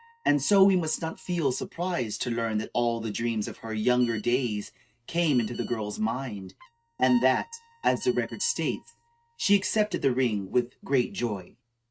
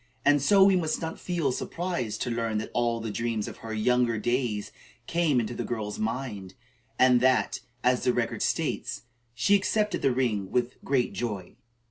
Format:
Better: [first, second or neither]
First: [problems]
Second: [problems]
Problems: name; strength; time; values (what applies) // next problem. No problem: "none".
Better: second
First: noise reduction (neural mask model RNNoise)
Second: none